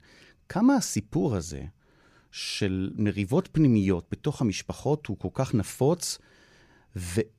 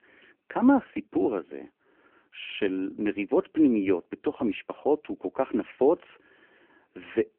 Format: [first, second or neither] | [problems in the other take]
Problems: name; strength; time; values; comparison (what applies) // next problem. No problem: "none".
first | phone-call audio; poor line; nothing above 3 kHz